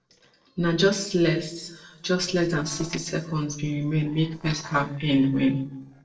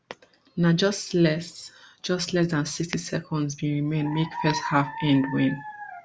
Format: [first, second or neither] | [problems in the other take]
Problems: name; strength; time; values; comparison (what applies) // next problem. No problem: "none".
second | noise reduction (neural separator model SepFormer DNS4)